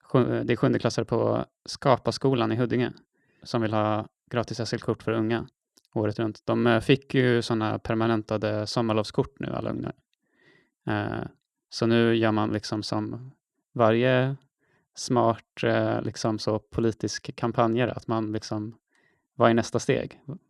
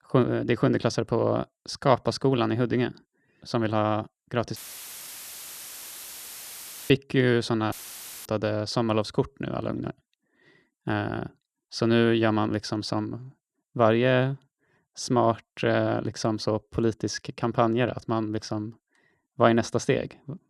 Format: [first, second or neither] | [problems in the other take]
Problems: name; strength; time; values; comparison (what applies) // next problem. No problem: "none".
first | audio cutting out; filled with static; at 4.5 s for 2.5 s and at 7.5 s for 0.5 s